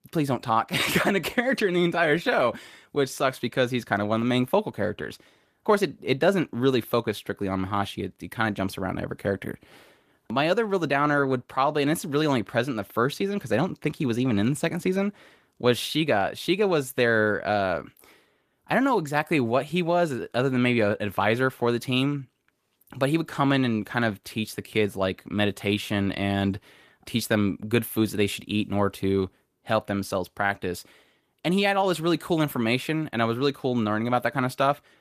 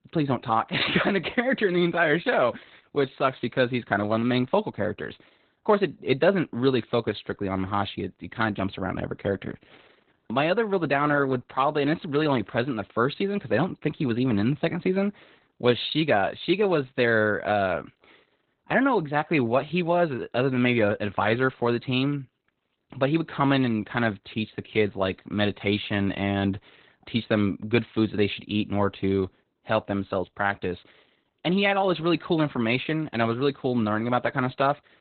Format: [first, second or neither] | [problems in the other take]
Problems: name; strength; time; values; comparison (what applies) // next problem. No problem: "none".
first | garbled, watery; badly; nothing above 4 kHz; slightly in the first